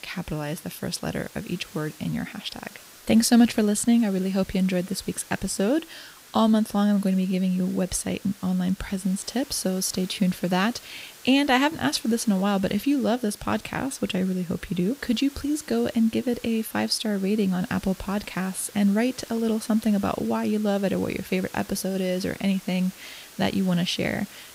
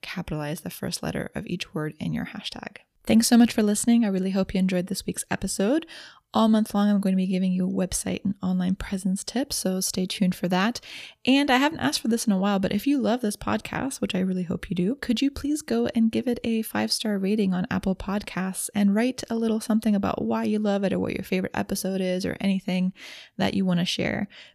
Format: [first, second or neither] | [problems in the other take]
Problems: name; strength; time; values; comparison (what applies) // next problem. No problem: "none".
second | hiss; faint; throughout; 20 dB below the speech